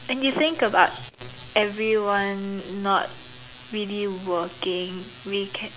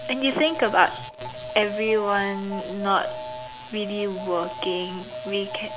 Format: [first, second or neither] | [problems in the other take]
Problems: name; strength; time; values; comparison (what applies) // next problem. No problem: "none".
first | background sound (Alarm); 10 dB below the speech